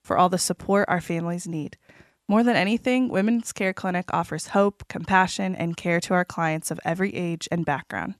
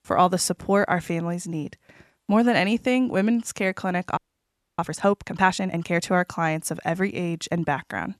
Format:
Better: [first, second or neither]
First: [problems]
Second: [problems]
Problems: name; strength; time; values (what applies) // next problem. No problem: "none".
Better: first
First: none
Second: audio freezing; at 4 s for 0.5 s